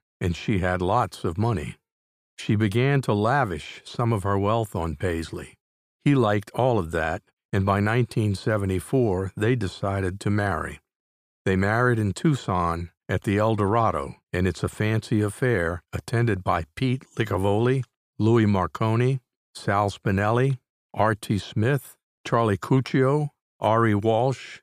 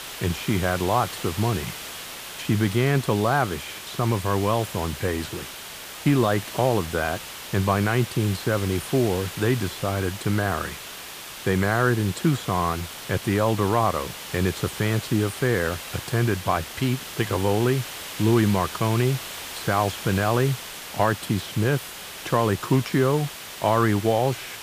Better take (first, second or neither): first